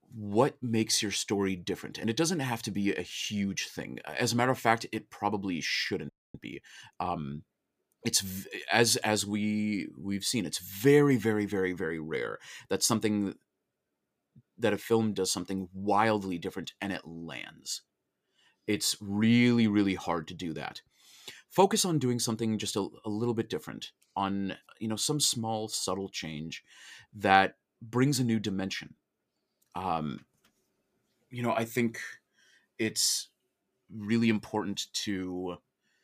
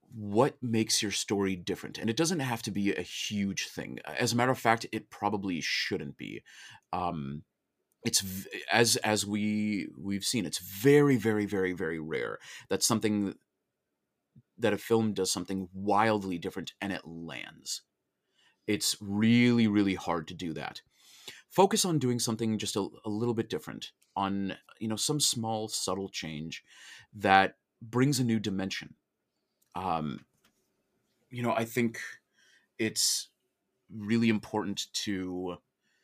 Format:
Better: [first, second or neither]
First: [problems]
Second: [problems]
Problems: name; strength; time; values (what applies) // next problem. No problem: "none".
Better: second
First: audio freezing; at 6 s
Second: none